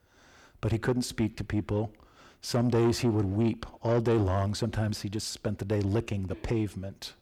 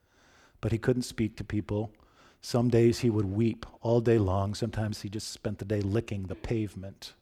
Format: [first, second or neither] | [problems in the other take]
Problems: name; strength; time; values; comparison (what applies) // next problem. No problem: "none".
second | distortion; slight; 10 dB below the speech